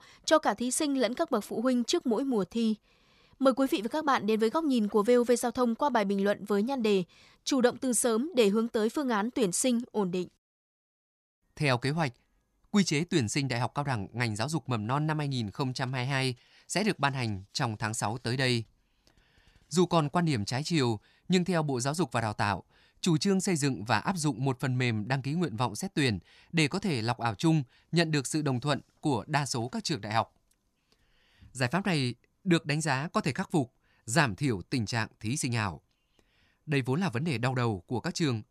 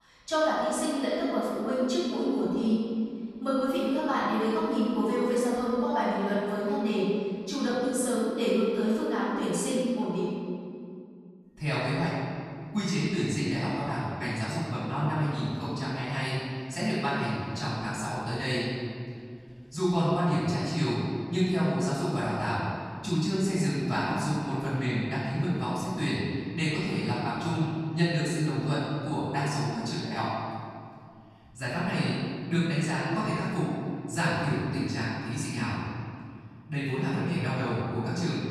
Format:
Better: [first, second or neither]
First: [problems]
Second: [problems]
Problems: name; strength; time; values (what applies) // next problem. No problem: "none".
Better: first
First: none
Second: off-mic speech; far // room echo; strong; dies away in 2.1 s